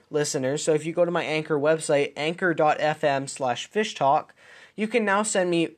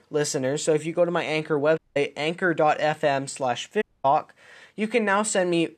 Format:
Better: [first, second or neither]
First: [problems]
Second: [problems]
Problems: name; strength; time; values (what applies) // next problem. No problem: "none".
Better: first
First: none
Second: audio cutting out; at 2 s and at 4 s